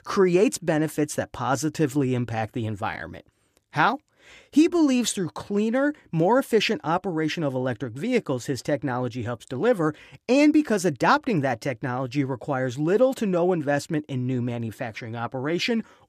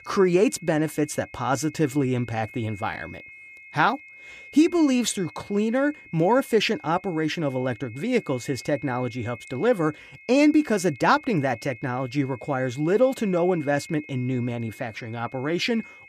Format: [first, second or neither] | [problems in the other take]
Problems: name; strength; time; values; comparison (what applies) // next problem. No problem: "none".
first | high-pitched whine; noticeable; throughout; 2 kHz, 20 dB below the speech